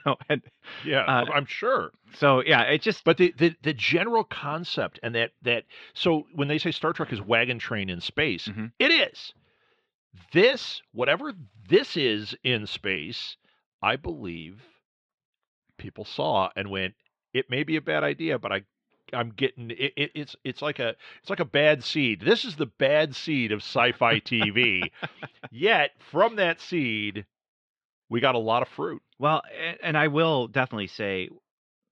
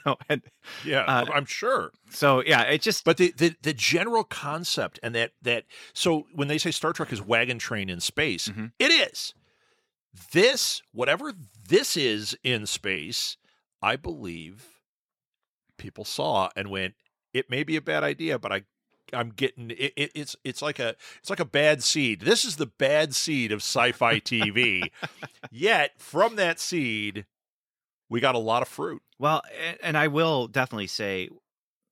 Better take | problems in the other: second | muffled; slightly; fading above 3.5 kHz

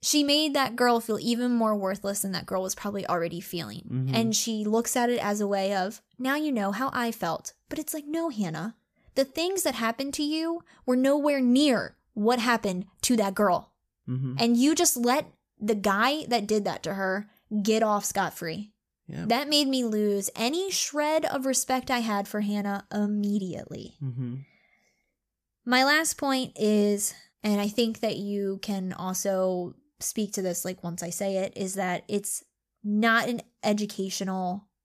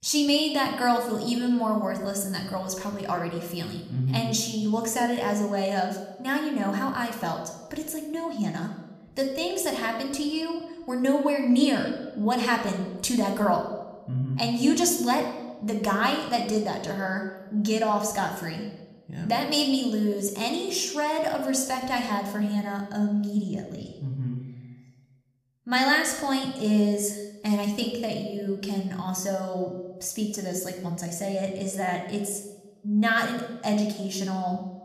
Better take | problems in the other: first | room echo; slight; dies away in 0.9 s

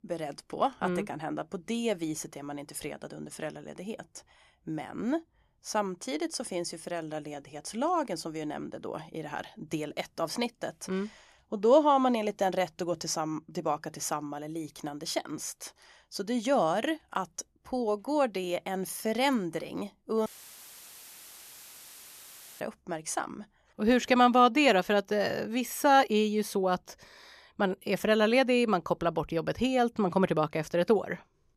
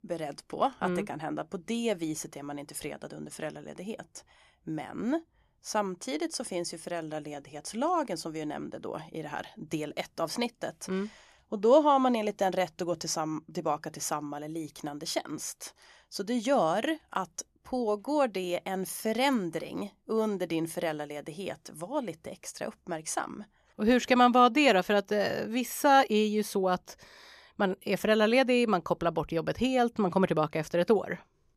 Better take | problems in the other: second | audio cutting out; filled with static; at 20 s for 2.5 s

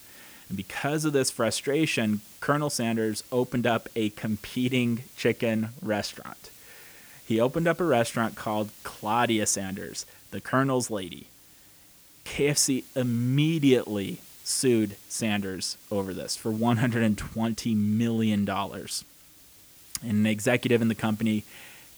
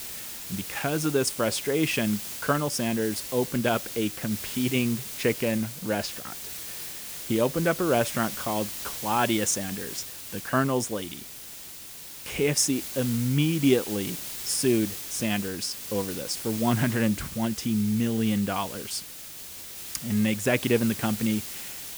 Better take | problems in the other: first | hiss; loud; throughout; 8 dB below the speech; faint in the first

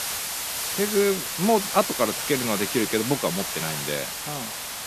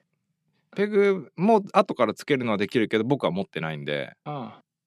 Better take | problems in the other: second | hiss; loud; throughout; 2 dB below the speech

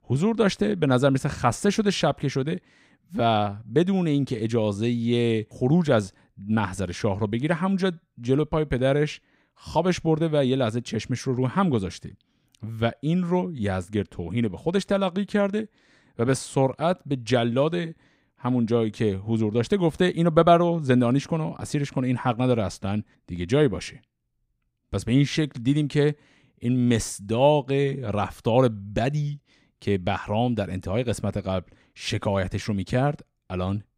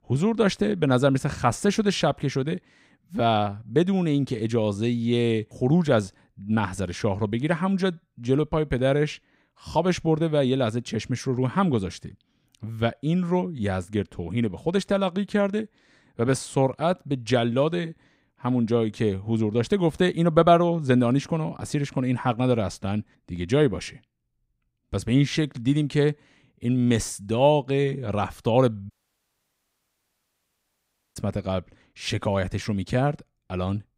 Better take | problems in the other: first | audio cutting out; at 29 s for 2.5 s

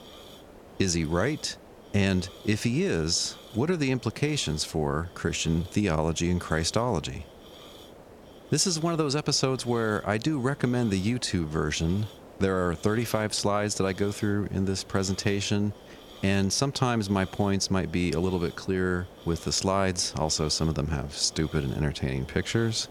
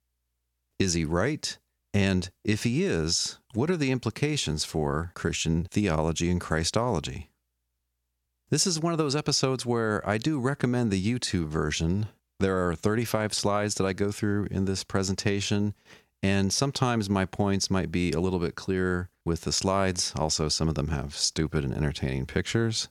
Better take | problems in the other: second | hiss; noticeable; throughout; 20 dB below the speech

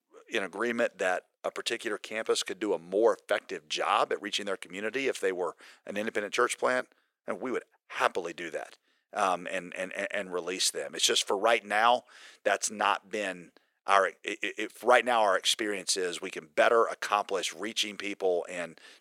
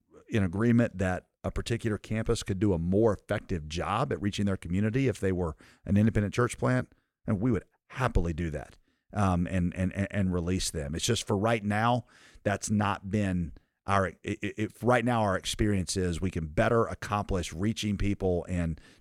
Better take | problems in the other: second | thin; very; fading below 450 Hz

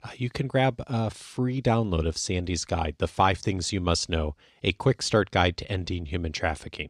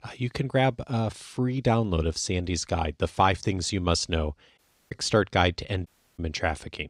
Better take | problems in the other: first | audio cutting out; at 4.5 s and at 6 s

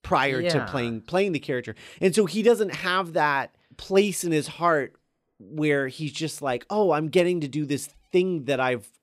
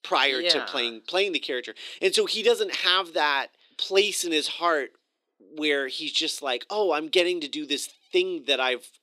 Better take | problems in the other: first | thin; somewhat; fading below 350 Hz

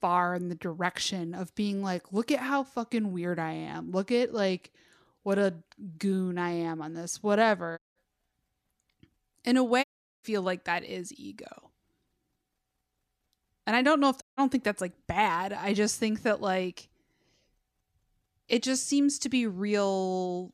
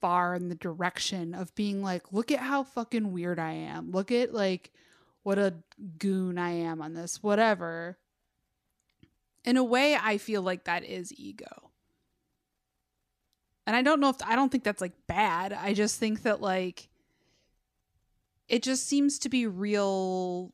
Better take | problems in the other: second | audio cutting out; at 8 s, at 10 s and at 14 s

